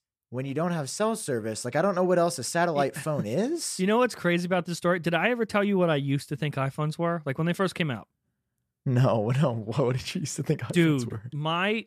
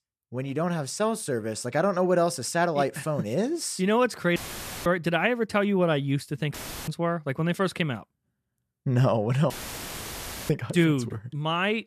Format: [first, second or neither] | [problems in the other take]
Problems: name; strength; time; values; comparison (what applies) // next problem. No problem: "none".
first | audio cutting out; filled with static; at 4.5 s for 0.5 s, at 6.5 s and at 9.5 s for 1 s